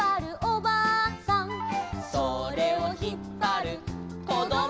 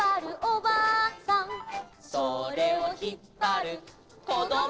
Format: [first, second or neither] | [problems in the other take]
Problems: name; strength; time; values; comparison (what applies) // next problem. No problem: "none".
first | noise reduction (neural separator model SepFormer DNS4)